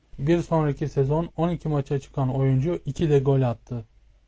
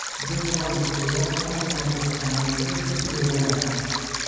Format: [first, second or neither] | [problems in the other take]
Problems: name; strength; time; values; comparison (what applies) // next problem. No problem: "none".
first | background sound (Stream); 3 dB below the speech // room echo; dies away in 2.1 s